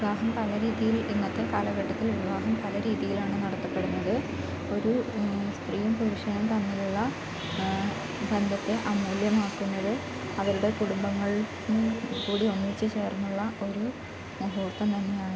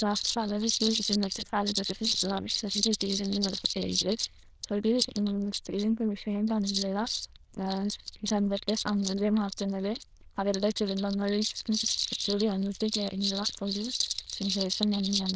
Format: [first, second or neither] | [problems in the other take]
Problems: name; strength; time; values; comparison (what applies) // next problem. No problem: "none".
first | noise reduction (neural diffusion model UNIVERSE++)